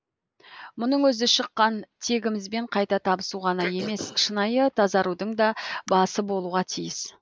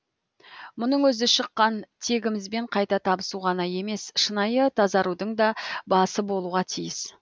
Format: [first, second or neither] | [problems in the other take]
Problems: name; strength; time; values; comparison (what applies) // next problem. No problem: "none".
second | noise reduction (neural mask model Resemble Enhance denoiser)